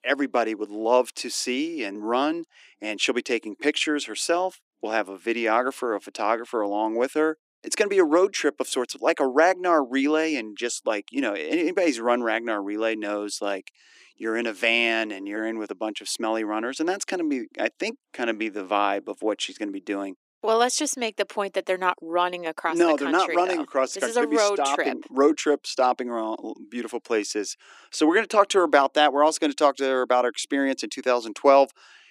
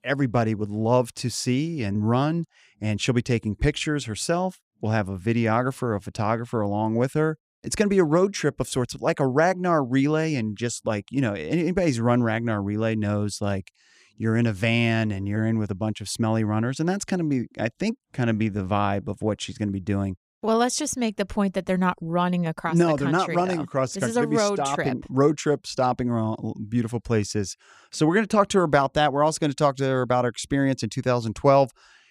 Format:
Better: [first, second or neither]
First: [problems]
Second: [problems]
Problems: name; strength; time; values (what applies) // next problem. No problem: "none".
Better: second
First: thin; somewhat; fading below 300 Hz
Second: none